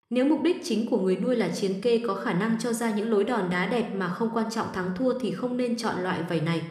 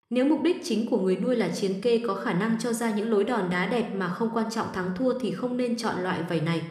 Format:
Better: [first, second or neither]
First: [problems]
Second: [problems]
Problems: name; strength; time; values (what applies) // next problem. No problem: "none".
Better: neither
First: room echo; slight; dies away in 0.7 s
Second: room echo; slight; dies away in 0.7 s